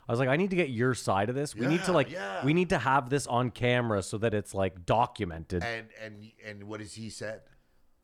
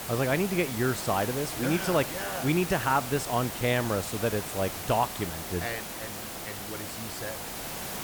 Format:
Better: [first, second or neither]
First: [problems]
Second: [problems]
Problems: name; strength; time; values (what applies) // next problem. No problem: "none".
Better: first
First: none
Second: hiss; loud; throughout; 6 dB below the speech